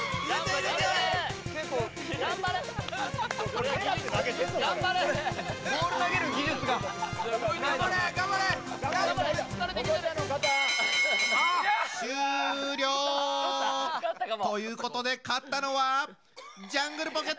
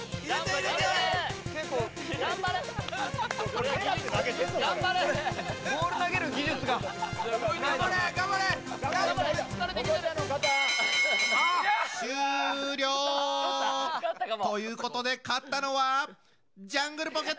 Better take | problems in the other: second | background sound (Cough); 15 dB below the speech

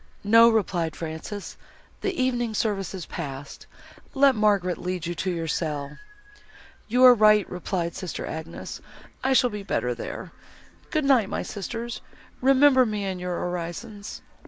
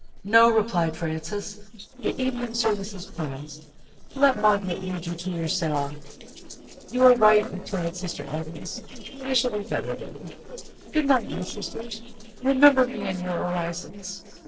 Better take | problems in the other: first | noise reduction (neural separator model SepFormer DNS4)

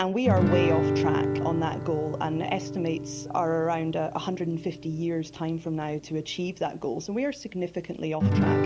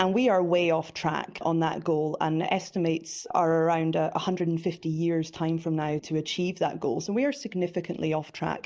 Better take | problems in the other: second | background sound (Guitar); 1 dB below the speech

